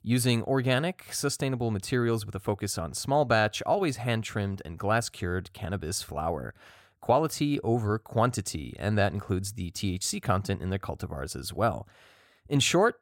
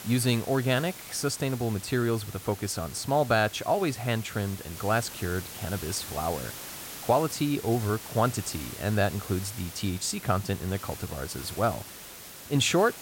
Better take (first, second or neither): first